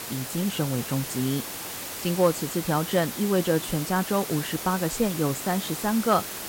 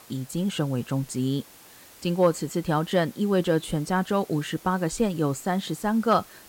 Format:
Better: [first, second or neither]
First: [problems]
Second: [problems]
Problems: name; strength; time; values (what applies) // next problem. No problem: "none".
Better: second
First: hiss; loud; throughout; 6 dB below the speech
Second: hiss; faint; throughout; 20 dB below the speech